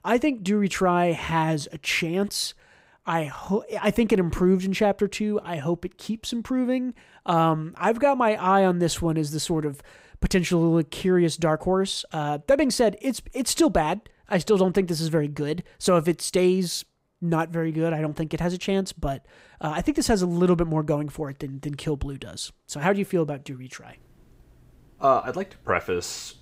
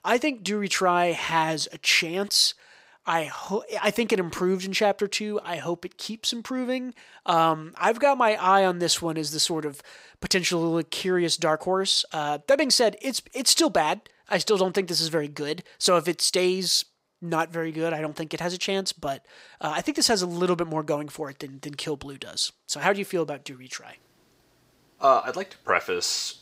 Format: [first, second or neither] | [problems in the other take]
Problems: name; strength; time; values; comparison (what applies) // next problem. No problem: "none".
first | thin; very slightly; fading below 600 Hz